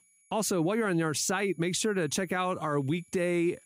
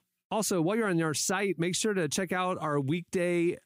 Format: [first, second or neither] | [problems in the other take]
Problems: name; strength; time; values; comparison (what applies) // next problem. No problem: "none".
second | high-pitched whine; faint; throughout; 11 kHz, 30 dB below the speech